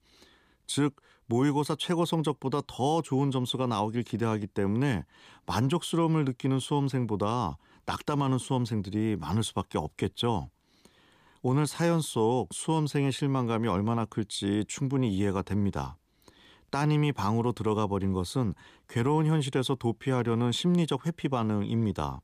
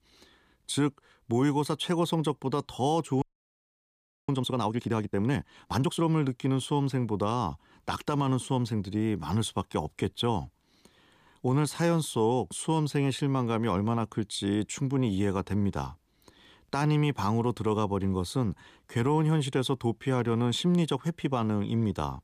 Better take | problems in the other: first | audio freezing; at 3 s for 1 s

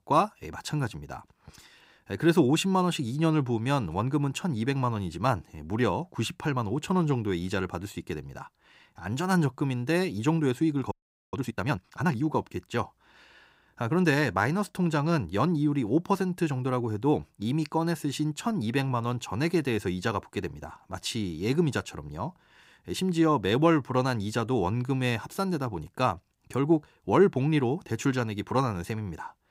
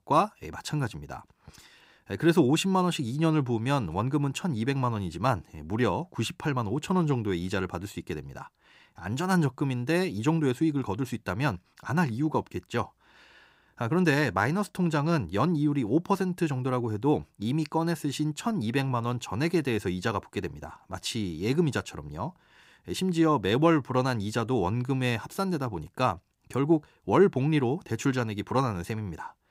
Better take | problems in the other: second | audio freezing; at 11 s

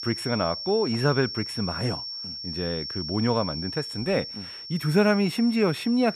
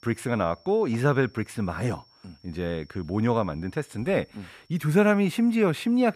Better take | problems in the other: second | high-pitched whine; loud; throughout; 5.5 kHz, 7 dB below the speech; faint in the second

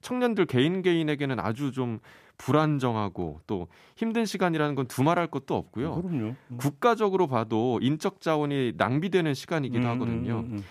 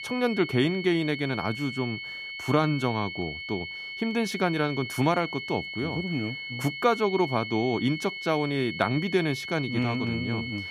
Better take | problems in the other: first | high-pitched whine; loud; throughout; 2 kHz, 7 dB below the speech

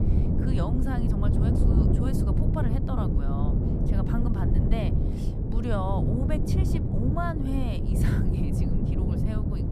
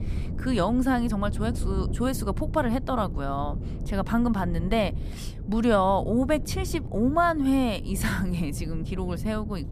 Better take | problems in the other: second | wind noise on the microphone; heavy; 1 dB above the speech; occasional gusts in the second

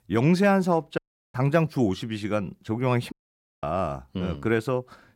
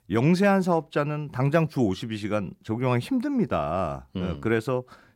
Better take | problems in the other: second | audio cutting out; at 1 s and at 3 s for 0.5 s

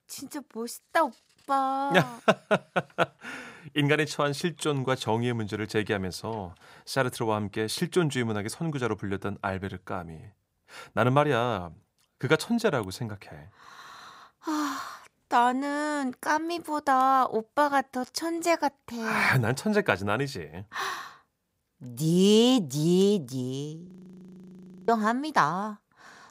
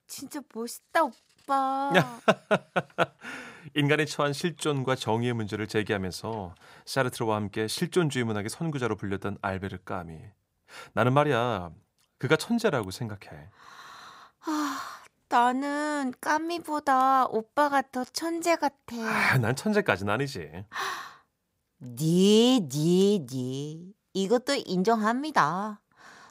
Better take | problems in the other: second | audio freezing; at 24 s for 1 s

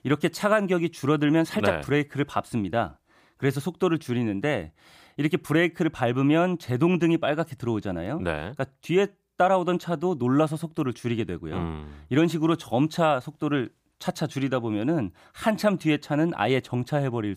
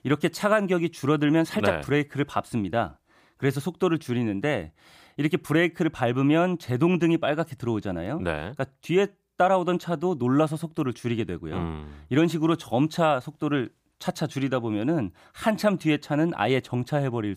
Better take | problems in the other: neither | none

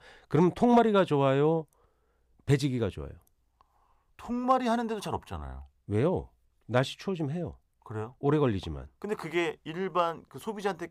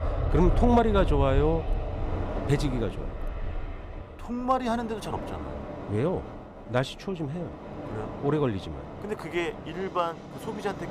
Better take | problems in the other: first | train or aircraft noise; loud; throughout; 6 dB below the speech

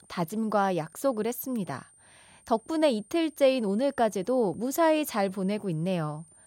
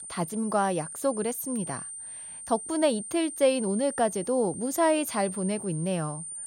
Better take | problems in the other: first | high-pitched whine; loud; throughout; 9 kHz, 9 dB below the speech; faint in the first

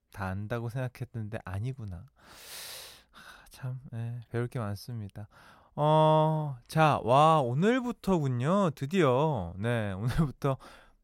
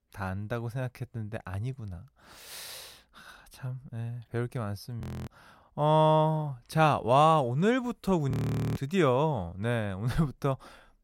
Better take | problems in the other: first | audio freezing; at 5 s and at 8.5 s

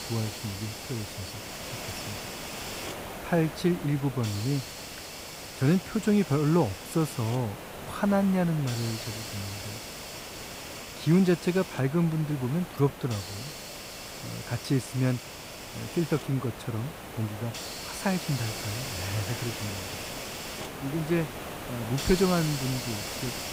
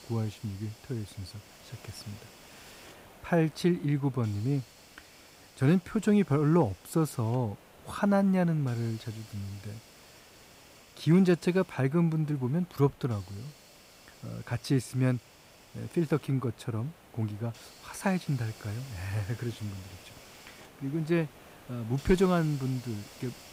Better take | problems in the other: second | hiss; loud; throughout; 8 dB below the speech; faint in the second

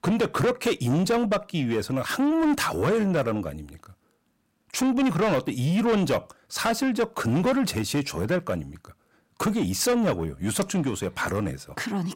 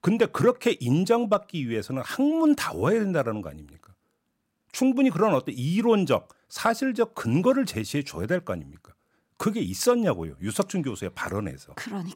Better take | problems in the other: second | distortion; heavy; 8 dB below the speech

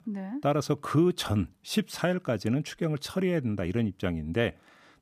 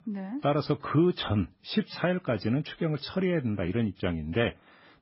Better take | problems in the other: first | garbled, watery; badly; nothing above 5.5 kHz

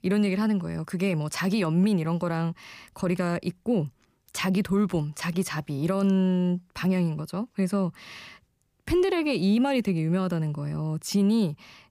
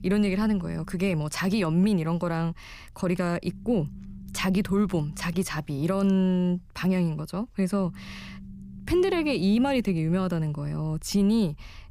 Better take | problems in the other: first | low rumble; faint; throughout; 25 dB below the speech

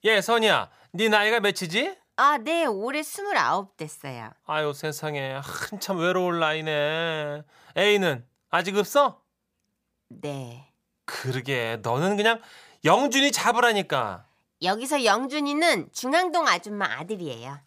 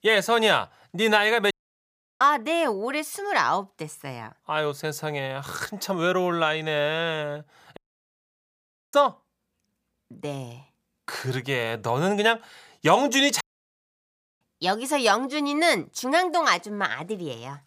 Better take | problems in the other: first | audio cutting out; at 1.5 s for 0.5 s, at 8 s for 1 s and at 13 s for 1 s

